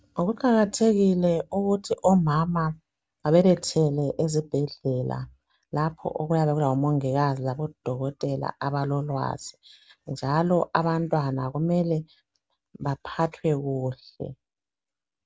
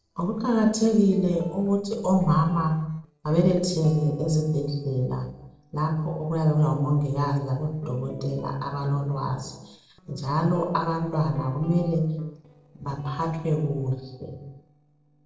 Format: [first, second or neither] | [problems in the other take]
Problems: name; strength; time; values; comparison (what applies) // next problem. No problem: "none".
first | noise reduction (neural separator model SepFormer DNS4)